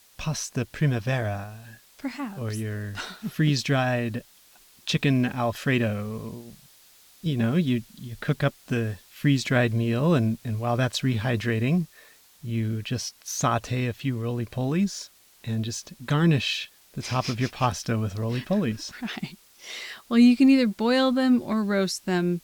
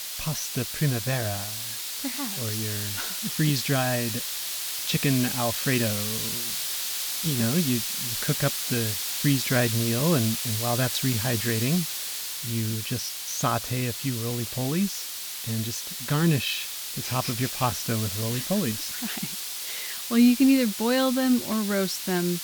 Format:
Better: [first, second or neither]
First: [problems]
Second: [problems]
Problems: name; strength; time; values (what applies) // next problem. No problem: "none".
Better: first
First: hiss; faint; throughout; 25 dB below the speech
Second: hiss; loud; throughout; 2 dB below the speech